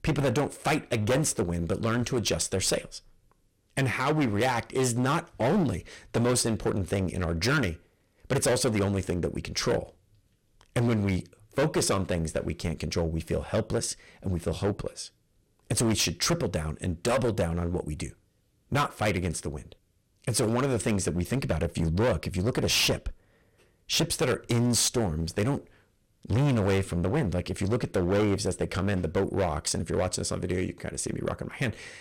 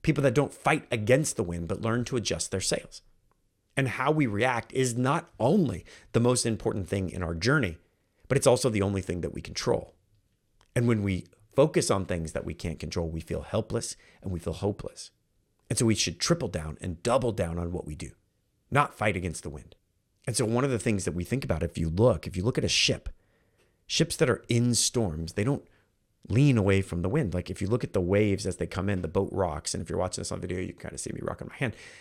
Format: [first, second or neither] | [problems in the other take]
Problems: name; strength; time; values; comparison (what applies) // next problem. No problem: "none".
second | distortion; heavy; 12% of the sound clipped